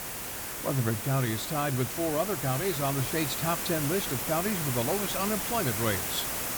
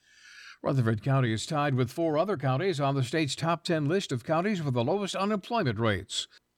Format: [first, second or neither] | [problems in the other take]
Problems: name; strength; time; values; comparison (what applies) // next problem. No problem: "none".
second | hiss; loud; throughout; 1 dB below the speech